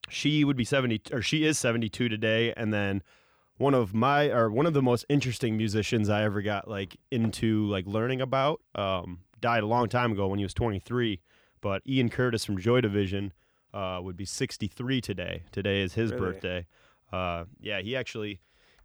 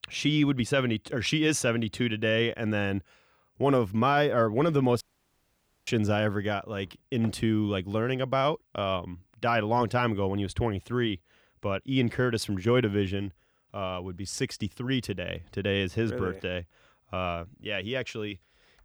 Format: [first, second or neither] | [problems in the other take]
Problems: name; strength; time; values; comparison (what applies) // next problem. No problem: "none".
first | audio cutting out; at 5 s for 1 s